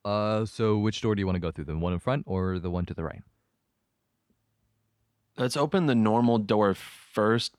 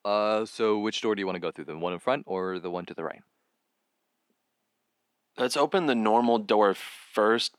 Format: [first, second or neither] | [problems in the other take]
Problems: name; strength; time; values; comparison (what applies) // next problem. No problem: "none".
first | thin; somewhat; fading below 250 Hz